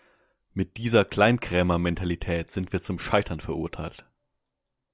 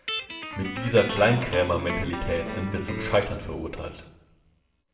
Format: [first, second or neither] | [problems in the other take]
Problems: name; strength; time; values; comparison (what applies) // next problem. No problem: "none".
first | background sound (Guitar); 8 dB below the speech // room echo; dies away in 0.7 s